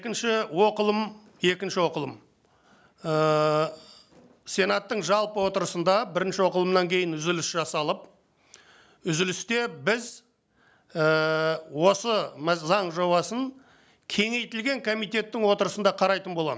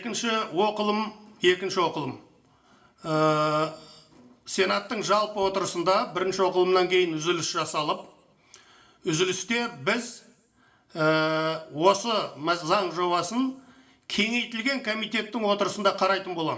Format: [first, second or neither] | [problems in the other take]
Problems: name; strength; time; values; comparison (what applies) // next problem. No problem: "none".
first | room echo; dies away in 0.5 s